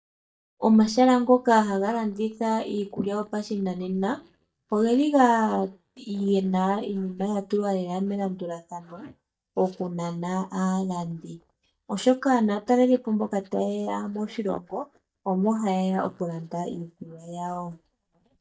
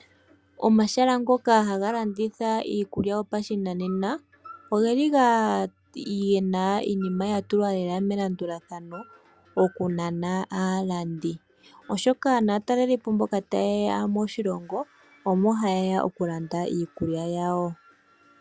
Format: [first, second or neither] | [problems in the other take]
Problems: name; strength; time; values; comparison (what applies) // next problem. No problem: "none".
second | noise reduction (neural mask model DeepFilterNet 3)